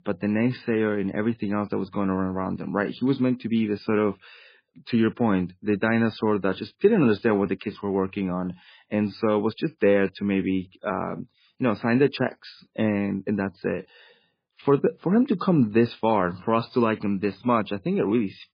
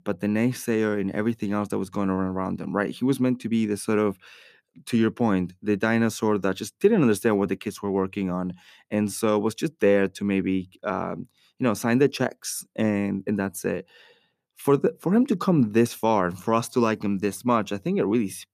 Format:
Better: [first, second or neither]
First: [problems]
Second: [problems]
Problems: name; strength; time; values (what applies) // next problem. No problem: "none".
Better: second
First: garbled, watery; badly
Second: none